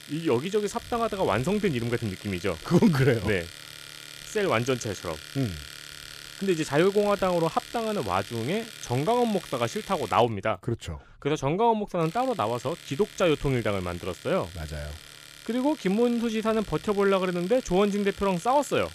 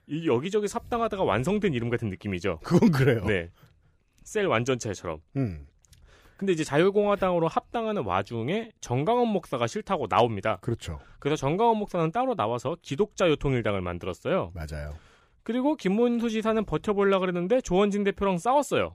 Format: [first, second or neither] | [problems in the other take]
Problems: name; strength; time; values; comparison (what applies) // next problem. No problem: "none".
second | household noises; noticeable; throughout; 15 dB below the speech